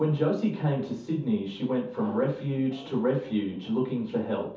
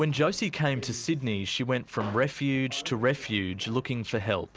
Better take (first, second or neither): second